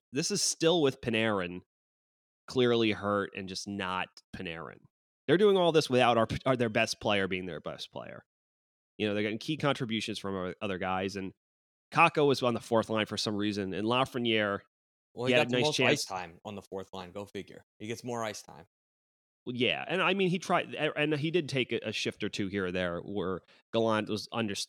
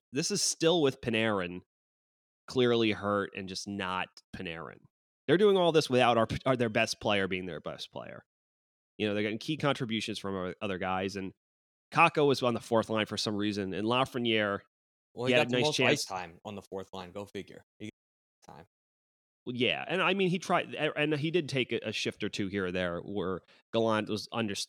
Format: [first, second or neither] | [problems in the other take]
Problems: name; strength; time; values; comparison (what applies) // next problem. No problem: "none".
first | audio cutting out; at 18 s for 0.5 s